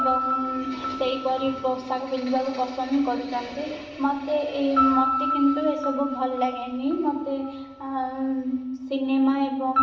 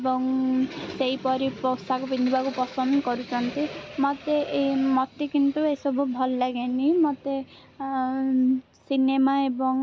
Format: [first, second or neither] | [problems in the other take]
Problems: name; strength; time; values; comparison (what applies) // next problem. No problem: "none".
second | background sound (Piano); 5 dB below the speech // room echo; dies away in 0.8 s